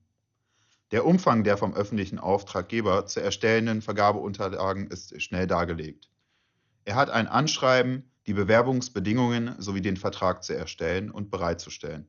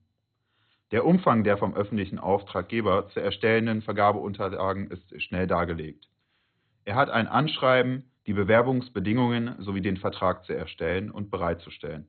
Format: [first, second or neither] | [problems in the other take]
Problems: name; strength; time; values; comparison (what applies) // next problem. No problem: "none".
first | garbled, watery; badly; nothing above 4 kHz; slightly in the first